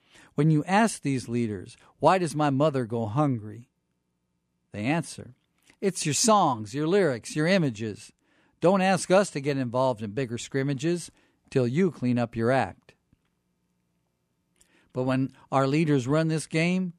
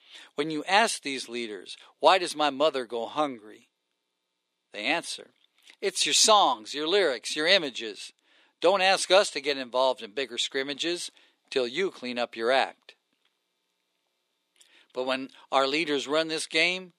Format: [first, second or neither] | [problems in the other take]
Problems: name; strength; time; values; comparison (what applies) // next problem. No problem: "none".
first | thin; somewhat; fading below 400 Hz